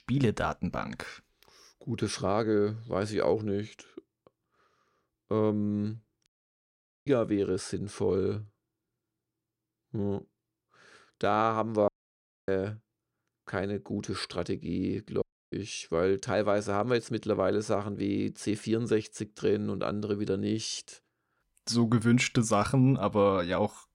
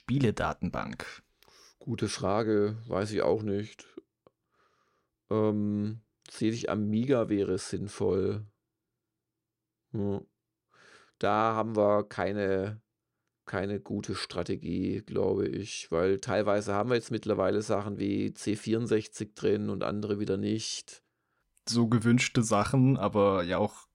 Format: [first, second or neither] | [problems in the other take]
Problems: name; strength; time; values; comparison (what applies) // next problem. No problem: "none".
second | audio cutting out; at 6.5 s for 1 s, at 12 s for 0.5 s and at 15 s